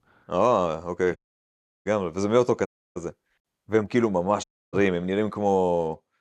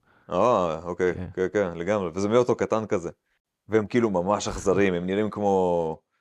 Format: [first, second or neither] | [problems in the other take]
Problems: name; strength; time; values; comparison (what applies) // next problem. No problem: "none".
second | audio cutting out; at 1 s for 0.5 s, at 2.5 s and at 4.5 s